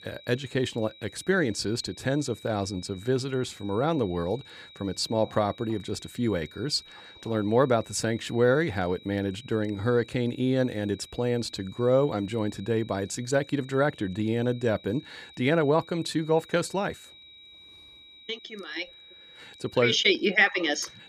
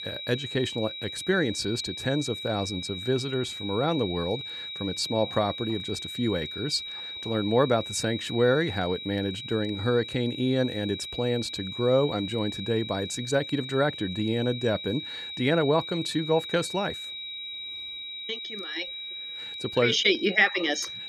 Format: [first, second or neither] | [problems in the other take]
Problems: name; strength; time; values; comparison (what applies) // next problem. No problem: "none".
first | high-pitched whine; loud; throughout; 4 kHz, 7 dB below the speech; faint in the first